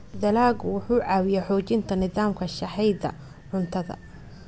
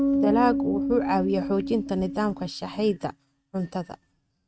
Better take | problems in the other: first | noise reduction (neural mask model RNNoise)

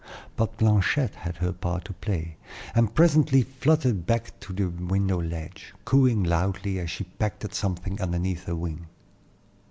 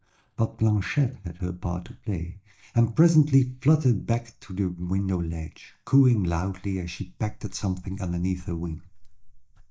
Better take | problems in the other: first | noise reduction (neural mask model DeepFilterNet 3)

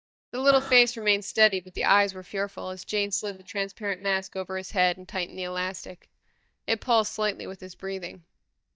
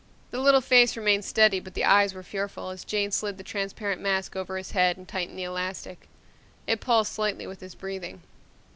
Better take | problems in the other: second | noise reduction (neural mask model DeepFilterNet 3)

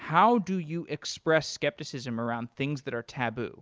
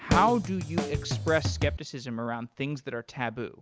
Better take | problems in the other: first | background sound (Drum kit); as loud as the speech

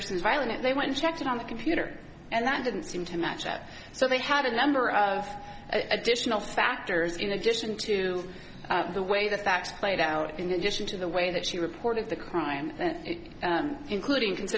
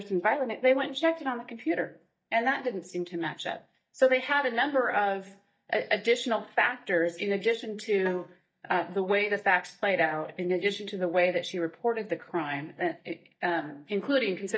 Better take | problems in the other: first | noise reduction (neural mask model DeepFilterNet 3)

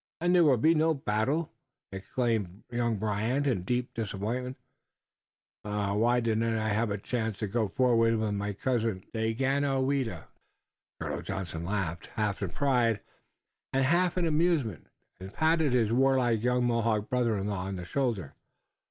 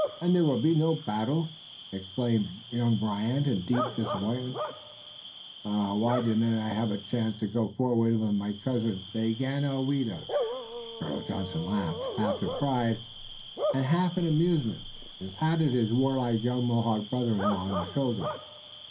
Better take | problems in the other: first | background sound (Bark / Cricket); 10 dB below the speech // room echo; dies away in 0.3 s

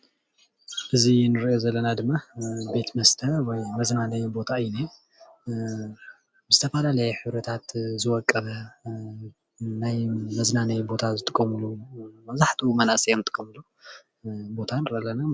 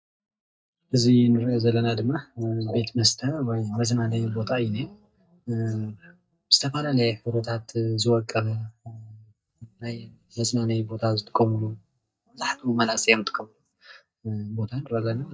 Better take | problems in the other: first | noise reduction (neural mask model DeepFilterNet 3)

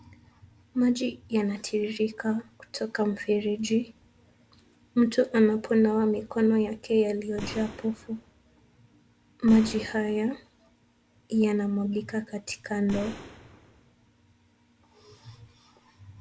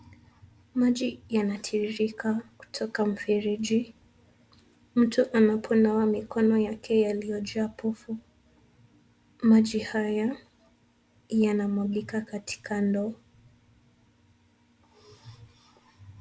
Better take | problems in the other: second | background sound (Boom); 13 dB below the speech

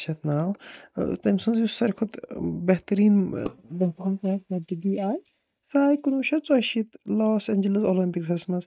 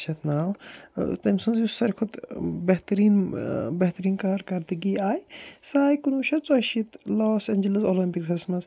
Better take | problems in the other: second | noise reduction (neural mask model DeepFilterNet 3)

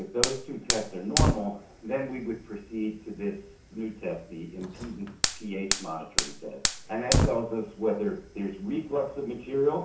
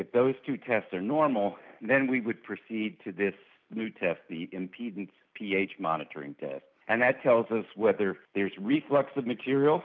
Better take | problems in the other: second | background sound (Fire); as loud as the speech // room echo; dies away in 0.6 s

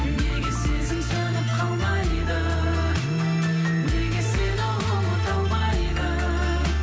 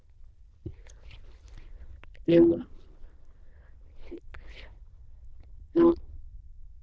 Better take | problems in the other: first | noise reduction (neural diffusion model UNIVERSE++)

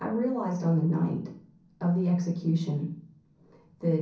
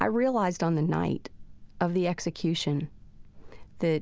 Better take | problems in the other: second | room echo; dies away in 0.6 s

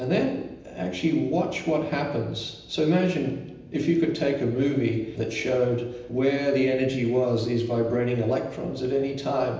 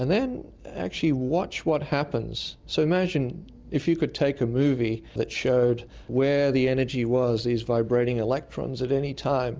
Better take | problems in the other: second | room echo; dies away in 0.9 s

